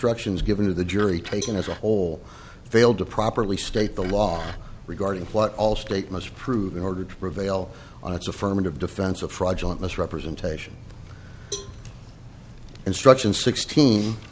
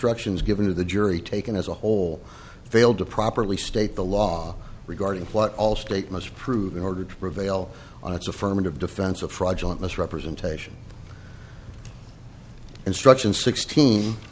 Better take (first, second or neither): second